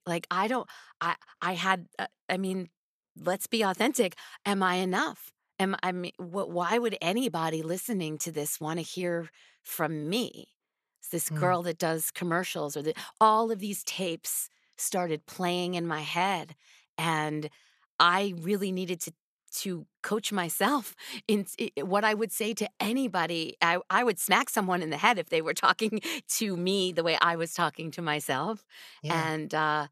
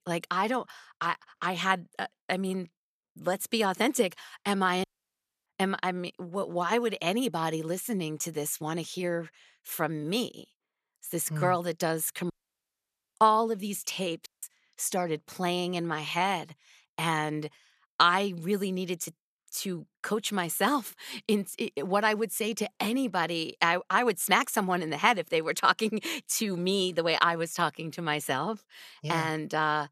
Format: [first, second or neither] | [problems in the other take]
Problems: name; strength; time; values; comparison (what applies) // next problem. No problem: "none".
first | audio cutting out; at 5 s for 0.5 s, at 12 s for 1 s and at 14 s